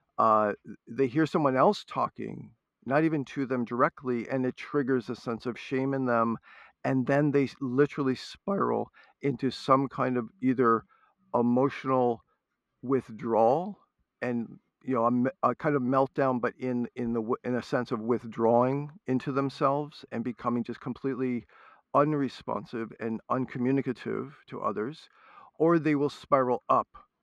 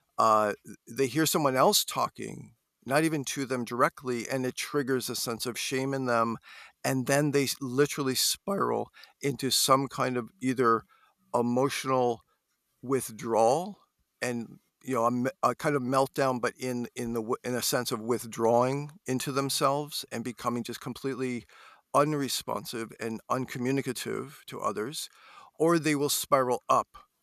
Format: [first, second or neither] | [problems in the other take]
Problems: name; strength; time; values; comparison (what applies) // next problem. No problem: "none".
second | muffled; very; fading above 2 kHz